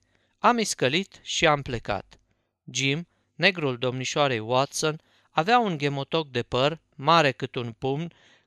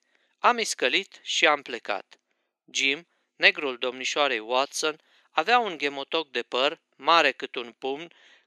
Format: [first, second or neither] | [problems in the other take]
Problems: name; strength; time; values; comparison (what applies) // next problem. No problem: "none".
first | thin; somewhat; fading below 300 Hz